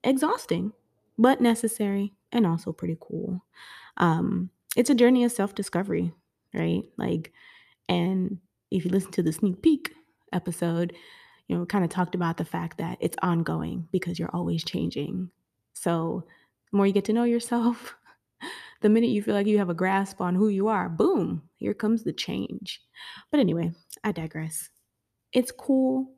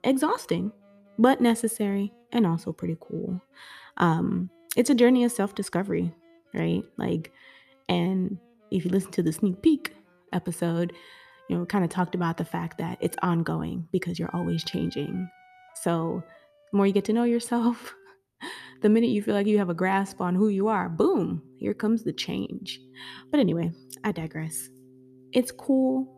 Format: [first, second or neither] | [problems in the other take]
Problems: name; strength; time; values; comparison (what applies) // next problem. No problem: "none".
first | background music; faint; throughout; 30 dB below the speech